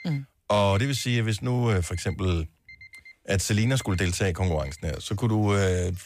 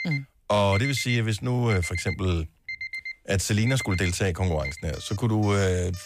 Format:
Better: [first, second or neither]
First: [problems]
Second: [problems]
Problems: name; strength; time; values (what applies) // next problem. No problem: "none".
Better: first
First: alarms or sirens; faint; throughout; 20 dB below the speech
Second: alarms or sirens; loud; throughout; 9 dB below the speech